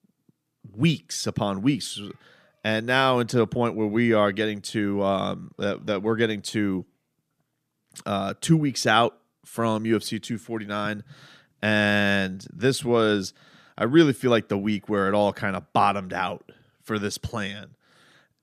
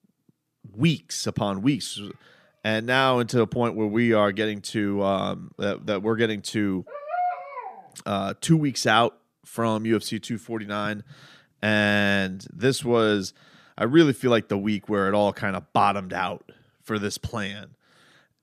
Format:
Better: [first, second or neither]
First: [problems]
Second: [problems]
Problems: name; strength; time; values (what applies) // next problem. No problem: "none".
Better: first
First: none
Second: dog barking; noticeable; at 7 s; peak 3 dB below the speech